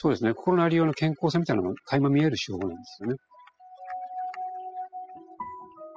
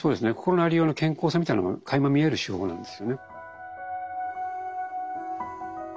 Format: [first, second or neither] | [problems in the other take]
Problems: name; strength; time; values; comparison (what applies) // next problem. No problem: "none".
second | noise reduction (classical method spectral subtraction)